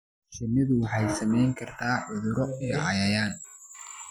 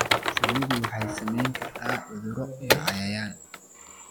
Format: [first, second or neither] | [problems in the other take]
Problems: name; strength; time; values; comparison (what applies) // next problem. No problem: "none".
first | background sound (Typing); 2 dB above the speech